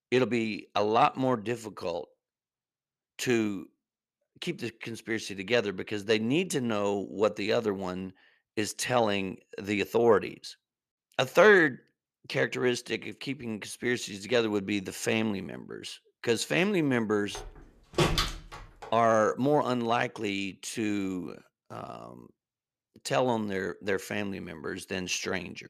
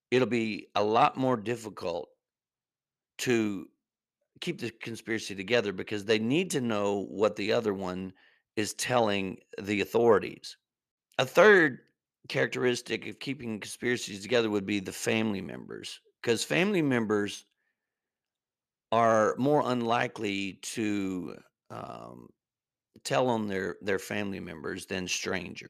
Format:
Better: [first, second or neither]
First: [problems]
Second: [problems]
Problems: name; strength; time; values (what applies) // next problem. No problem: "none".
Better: second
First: door banging; loud; from 17 to 19 s; peak 2 dB above the speech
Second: none